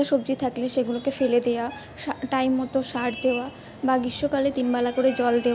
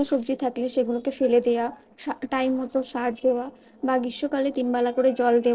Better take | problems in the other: first | noise reduction (neural separator model SepFormer DNS4)

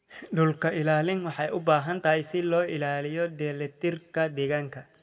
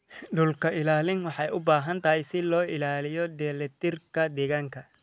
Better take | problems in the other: second | room echo; dies away in 0.7 s

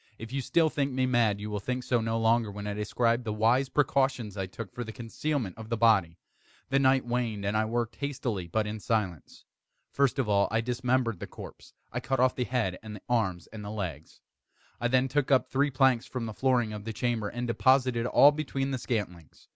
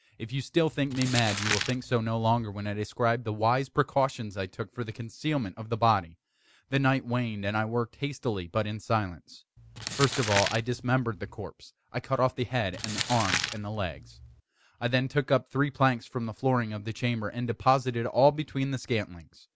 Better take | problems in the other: first | background sound (Crumpling, crinkling); 6 dB below the speech

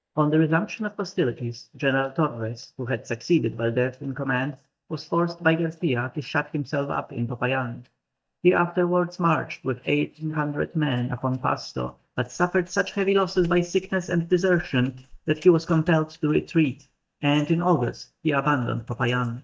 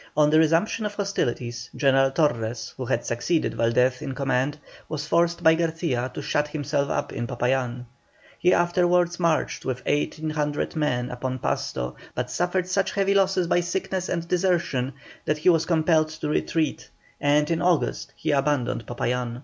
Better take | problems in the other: second | noise reduction (neural mask model DeepFilterNet 3)

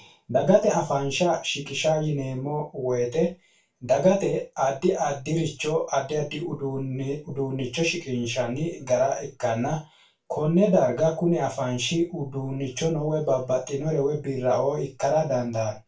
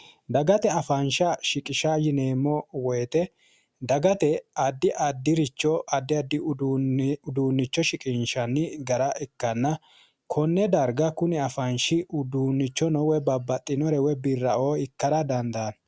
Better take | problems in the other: second | room echo; dies away in 0.2 s

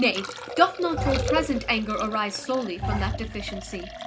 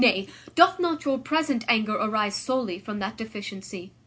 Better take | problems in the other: second | background sound (Bowed string instrument + Liquid); 4 dB below the speech

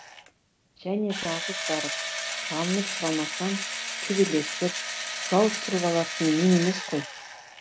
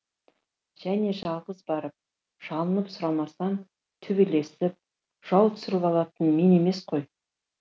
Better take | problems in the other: second | background sound (Engine / Drill); 5 dB below the speech

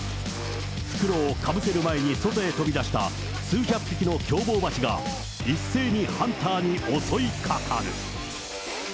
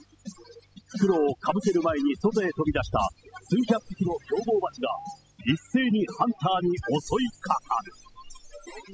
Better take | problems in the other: first | noise reduction (classical method spectral subtraction)

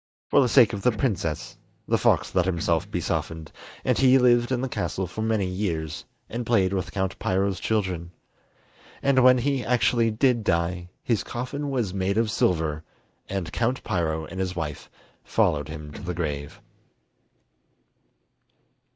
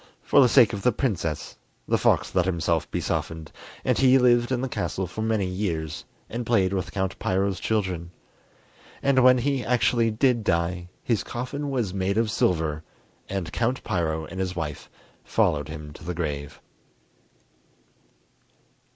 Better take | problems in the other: second | noise reduction (neural mask model DeepFilterNet 3)

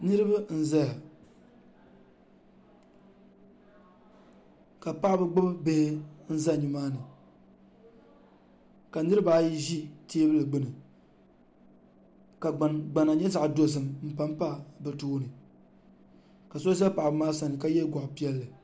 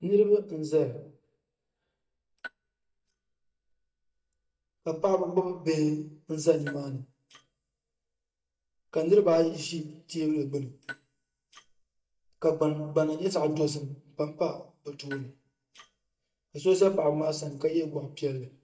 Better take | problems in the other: first | noise reduction (neural mask model DeepFilterNet 3)

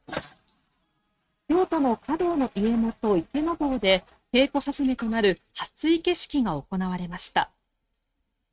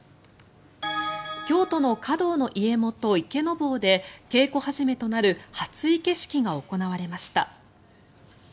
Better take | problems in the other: second | noise reduction (neural mask model RNNoise)

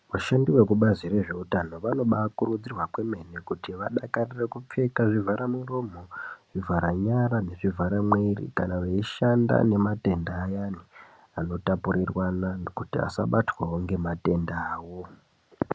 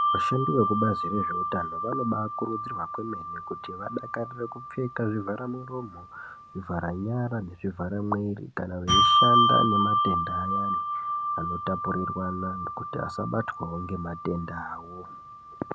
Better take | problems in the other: first | background sound (Bell); 2 dB above the speech

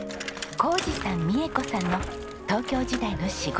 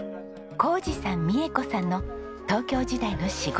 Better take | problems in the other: second | background sound (Bicycle); 10 dB below the speech

